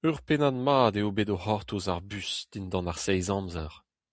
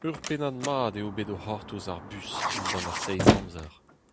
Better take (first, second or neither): first